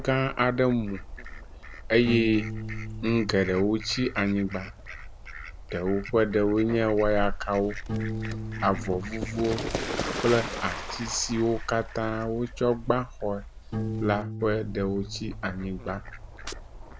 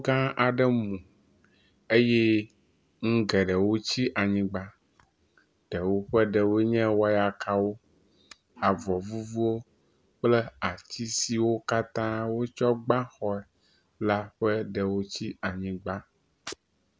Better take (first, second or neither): second